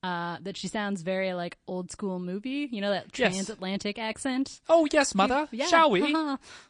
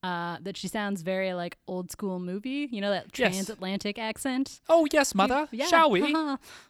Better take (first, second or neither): second